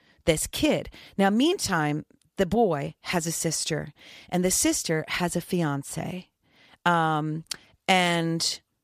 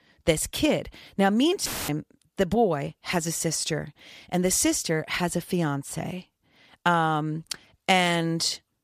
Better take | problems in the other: first | audio cutting out; filled with static; at 1.5 s

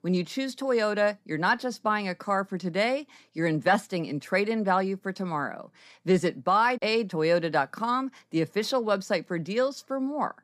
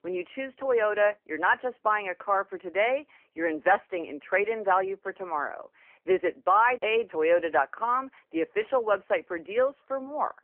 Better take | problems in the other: first | phone-call audio; poor line; nothing above 3 kHz

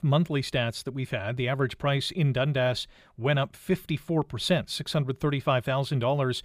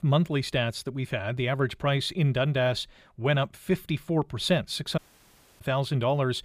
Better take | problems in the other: first | audio cutting out; at 5 s for 0.5 s

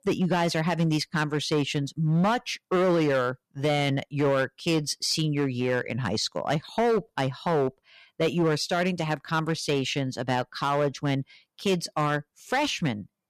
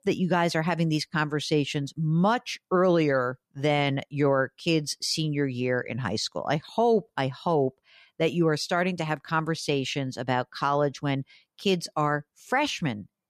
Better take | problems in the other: second | distortion; slight; 8% of the sound clipped

